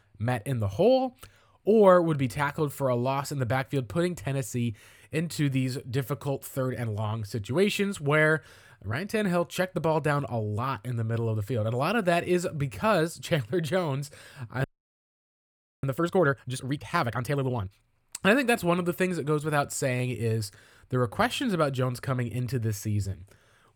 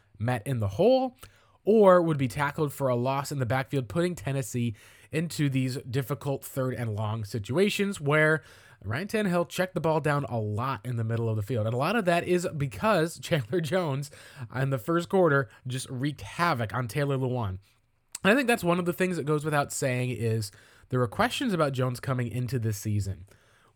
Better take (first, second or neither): second